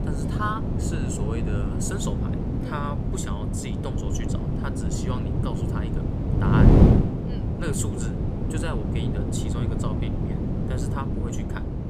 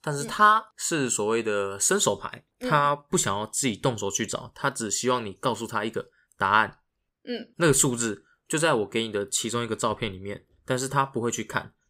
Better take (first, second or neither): second